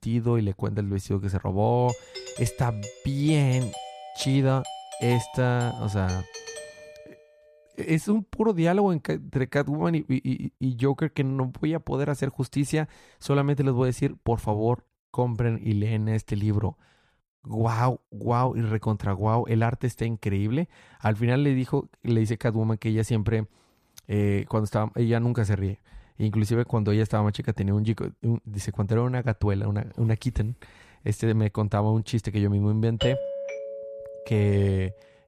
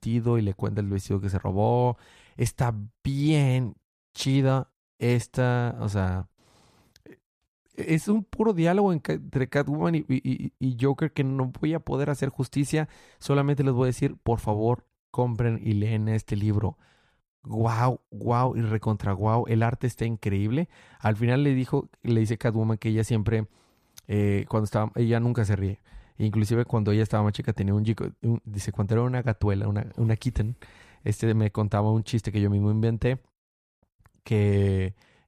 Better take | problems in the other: second | doorbell; noticeable; from 2 to 7 s and from 33 to 35 s; peak 3 dB below the speech

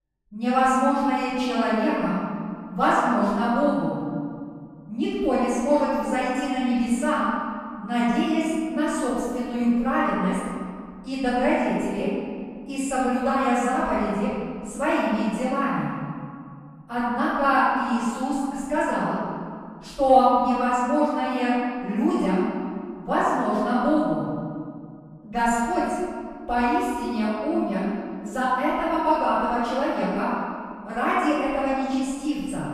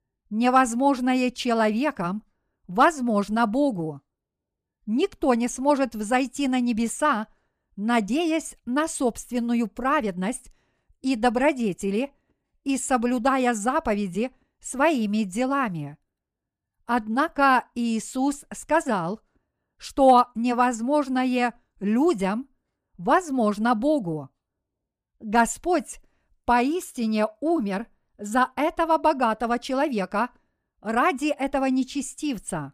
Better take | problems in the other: second | off-mic speech; far // room echo; strong; dies away in 2.2 s

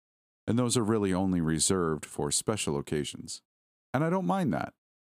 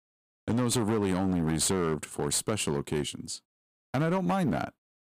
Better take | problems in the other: first | distortion; slight; 12% of the sound clipped

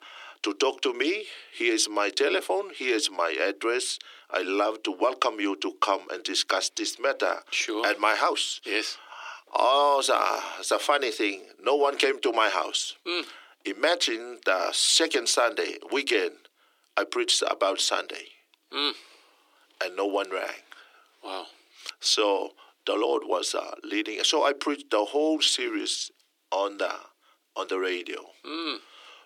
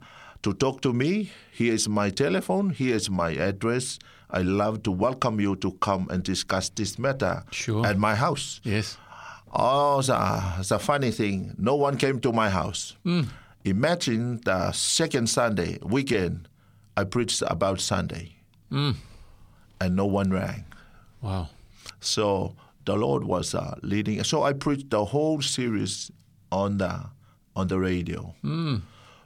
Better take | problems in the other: second | thin; very; fading below 300 Hz

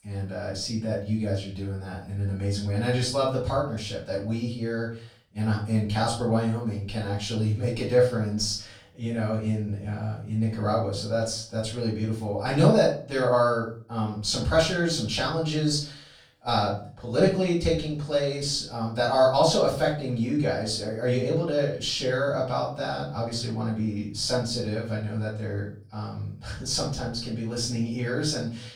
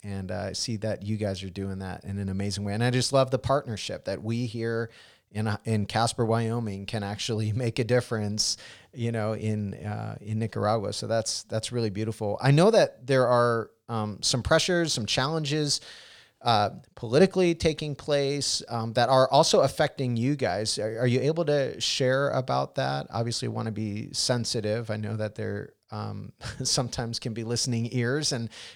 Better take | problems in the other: second | room echo; noticeable; dies away in 0.4 s // off-mic speech; far

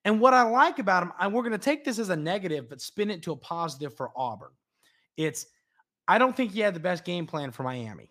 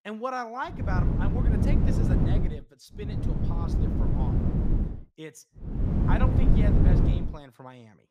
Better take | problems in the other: first | wind noise on the microphone; heavy; from 1 to 2.5 s, from 3 to 5 s and from 5.5 to 7 s; 1 dB above the speech

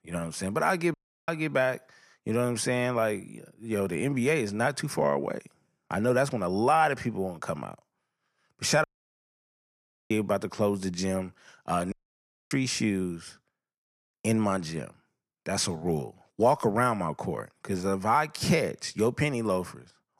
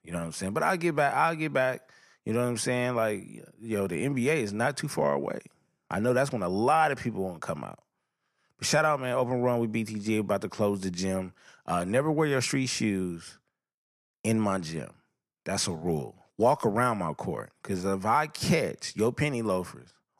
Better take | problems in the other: second | audio cutting out; at 1 s, at 9 s for 1.5 s and at 12 s for 0.5 s

